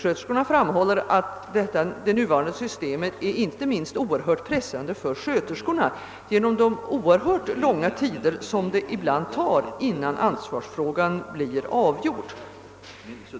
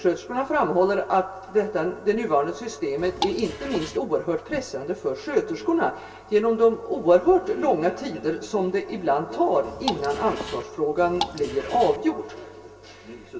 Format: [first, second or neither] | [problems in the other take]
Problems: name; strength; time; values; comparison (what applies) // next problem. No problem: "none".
first | background sound (Drip / Water); 9 dB below the speech // room echo; dies away in 0.1 s